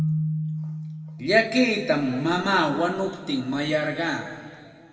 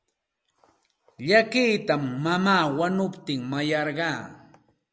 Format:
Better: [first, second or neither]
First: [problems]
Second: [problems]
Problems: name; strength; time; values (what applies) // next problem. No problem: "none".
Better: second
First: background sound (Keyboard (musical)); 8 dB below the speech // room echo; dies away in 2.3 s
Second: none